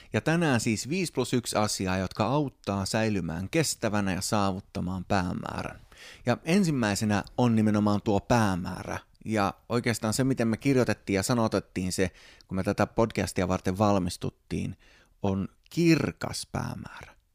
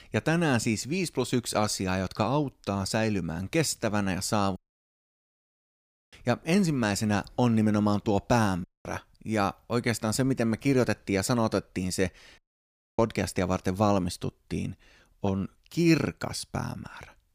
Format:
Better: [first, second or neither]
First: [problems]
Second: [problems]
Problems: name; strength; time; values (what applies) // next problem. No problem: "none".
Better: first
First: none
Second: audio cutting out; at 4.5 s for 1.5 s, at 8.5 s and at 12 s for 0.5 s